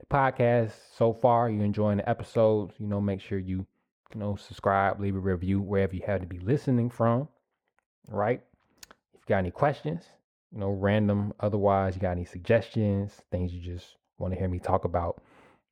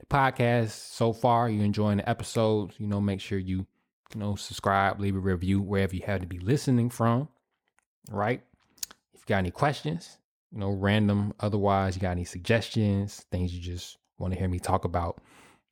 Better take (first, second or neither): second